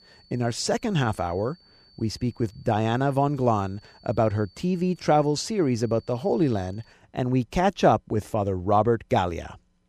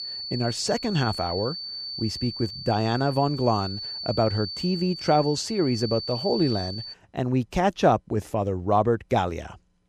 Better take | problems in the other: first | high-pitched whine; loud; until 7 s; 4.5 kHz, 7 dB below the speech; faint in the first

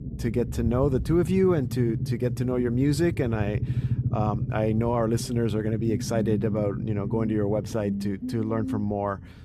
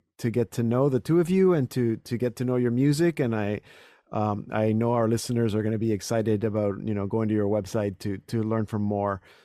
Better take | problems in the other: second | low rumble; noticeable; throughout; 10 dB below the speech

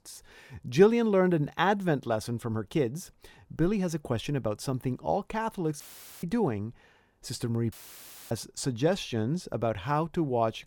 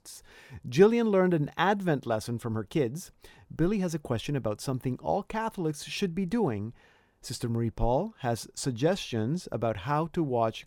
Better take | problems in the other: second | audio cutting out; filled with static; at 6 s and at 7.5 s for 0.5 s

